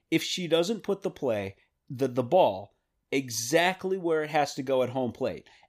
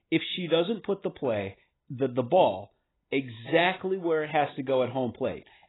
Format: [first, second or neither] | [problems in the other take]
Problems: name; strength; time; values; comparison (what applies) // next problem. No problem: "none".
first | garbled, watery; badly; nothing above 4 kHz